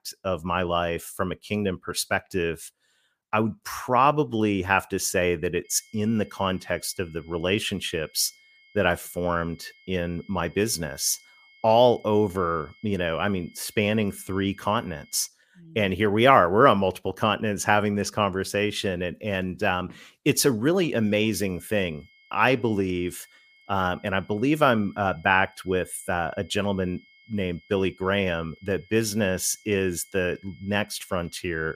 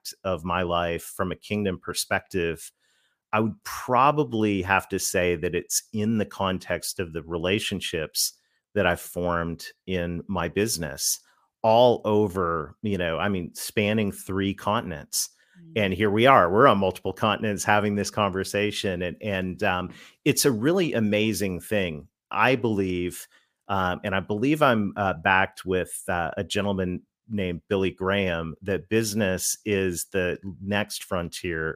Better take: second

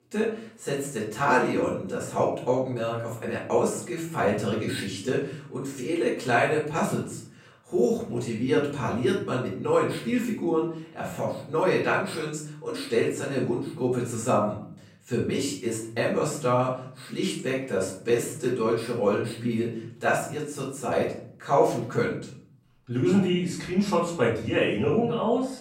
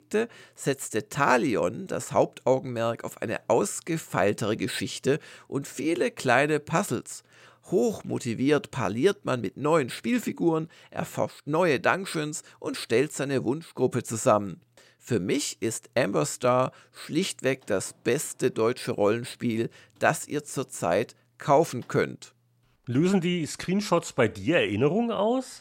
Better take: second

